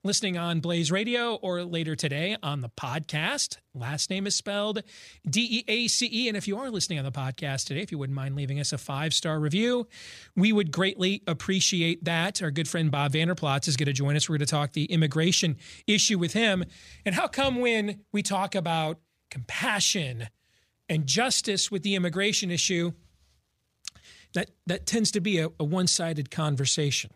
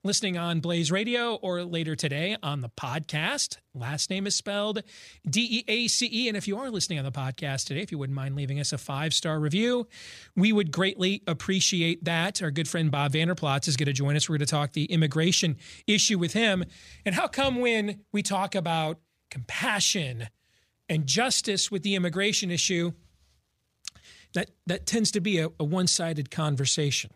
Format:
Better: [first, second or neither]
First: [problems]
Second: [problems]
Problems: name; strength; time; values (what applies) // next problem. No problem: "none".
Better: neither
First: none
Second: none